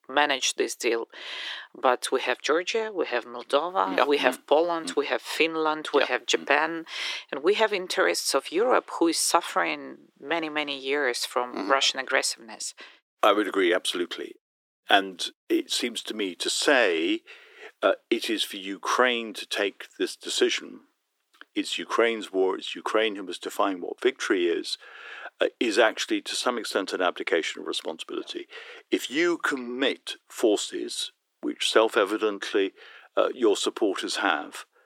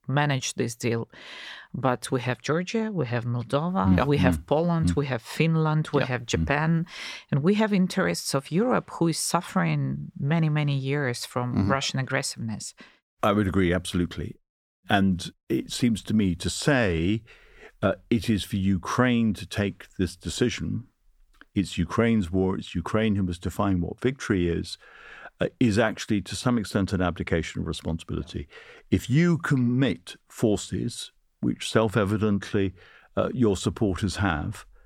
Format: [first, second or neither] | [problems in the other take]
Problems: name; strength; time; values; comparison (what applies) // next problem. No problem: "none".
second | thin; very; fading below 350 Hz